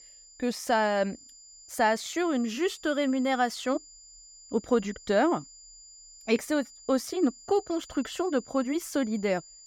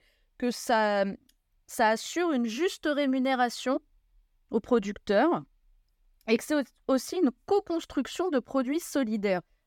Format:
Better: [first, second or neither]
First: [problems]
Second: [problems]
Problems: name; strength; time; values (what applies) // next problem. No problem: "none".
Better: second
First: high-pitched whine; noticeable; throughout; 7 kHz, 20 dB below the speech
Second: none